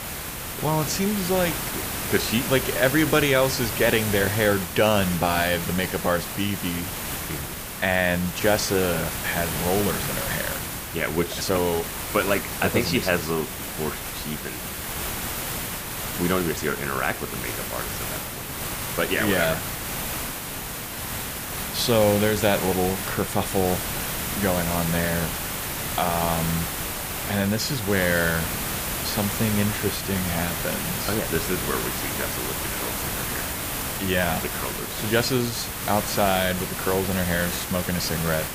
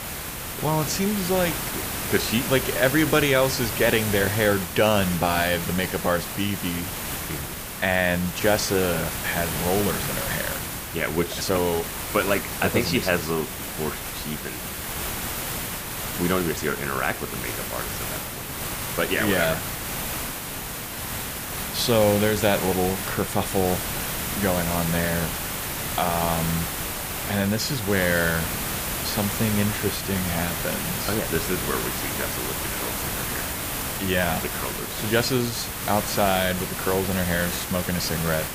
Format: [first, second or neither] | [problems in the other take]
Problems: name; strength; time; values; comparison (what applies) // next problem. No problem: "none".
neither | hiss; loud; throughout; 3 dB below the speech; the same in both